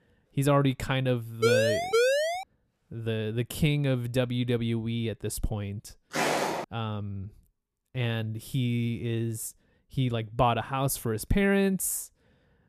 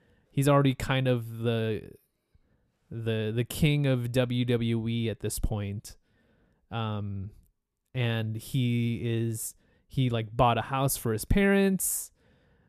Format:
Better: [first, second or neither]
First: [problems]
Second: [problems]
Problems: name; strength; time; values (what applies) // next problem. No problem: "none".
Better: second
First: siren; loud; from 1.5 to 2.5 s; peak 5 dB above the speech // footsteps; loud; at 6 s; peak 2 dB above the speech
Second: none